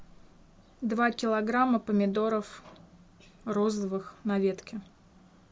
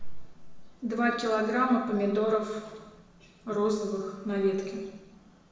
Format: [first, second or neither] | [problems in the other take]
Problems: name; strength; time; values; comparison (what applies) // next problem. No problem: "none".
first | room echo; dies away in 1.2 s